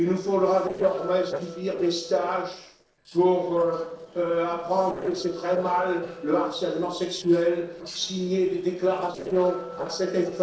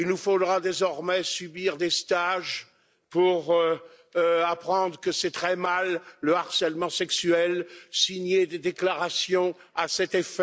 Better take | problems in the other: second | noise reduction (neural separator model SepFormer DNS4)

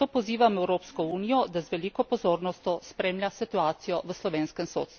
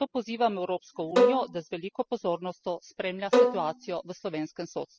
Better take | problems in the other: first | noise reduction (classical method spectral subtraction)

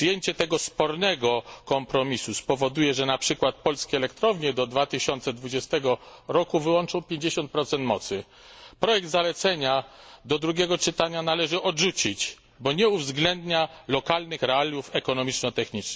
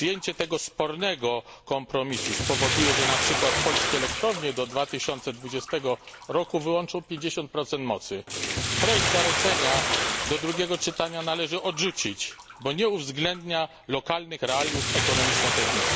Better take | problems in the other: first | background sound (Bathtub (filling or washing)); 1 dB below the speech

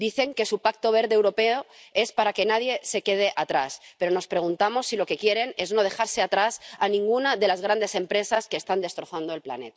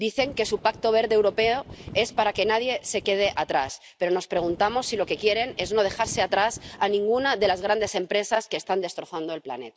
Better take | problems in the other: first | background sound (Wind); 19 dB below the speech

